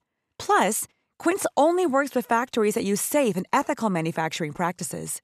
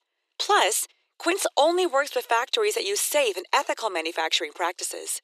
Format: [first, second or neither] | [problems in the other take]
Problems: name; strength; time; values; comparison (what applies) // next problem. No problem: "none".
first | thin; very; fading below 350 Hz